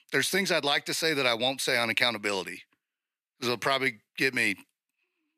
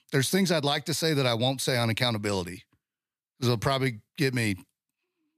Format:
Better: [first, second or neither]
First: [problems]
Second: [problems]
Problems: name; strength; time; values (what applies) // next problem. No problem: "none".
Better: second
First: thin; somewhat; fading below 300 Hz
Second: none